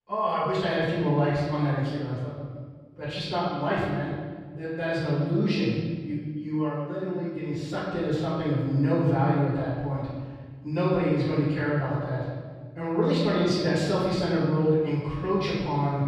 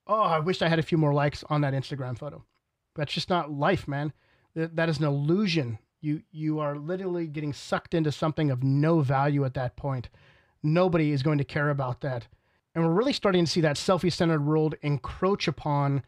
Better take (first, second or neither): second